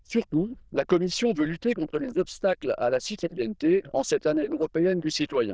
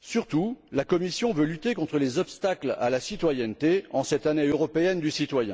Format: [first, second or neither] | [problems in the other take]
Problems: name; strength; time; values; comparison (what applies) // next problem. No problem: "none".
second | noise reduction (neural diffusion model UNIVERSE++)